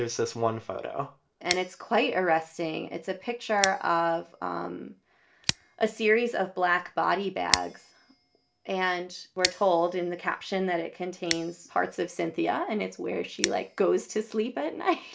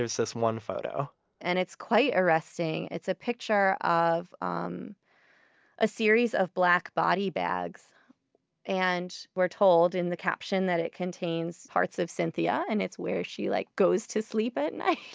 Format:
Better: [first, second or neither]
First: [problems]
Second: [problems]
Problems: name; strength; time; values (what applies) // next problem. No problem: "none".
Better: second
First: background sound (Scissors); 10 dB below the speech // room echo; dies away in 0.3 s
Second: none